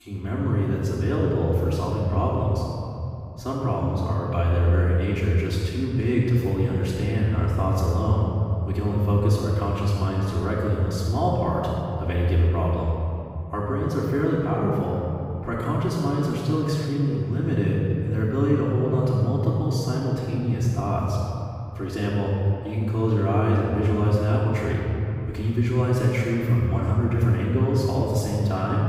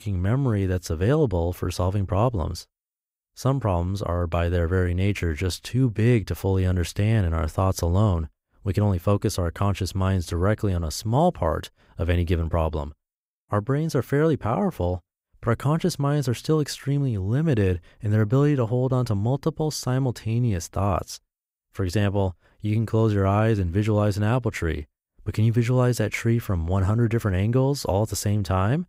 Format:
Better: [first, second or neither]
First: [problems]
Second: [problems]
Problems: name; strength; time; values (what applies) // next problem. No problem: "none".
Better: second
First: off-mic speech; far // room echo; strong; dies away in 3 s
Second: none